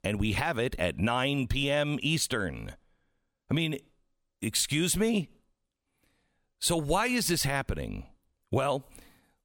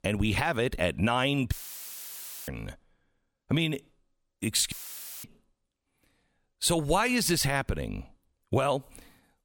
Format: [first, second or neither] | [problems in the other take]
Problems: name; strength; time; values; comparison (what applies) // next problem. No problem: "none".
first | audio cutting out; filled with static; at 1.5 s for 1 s and at 4.5 s for 0.5 s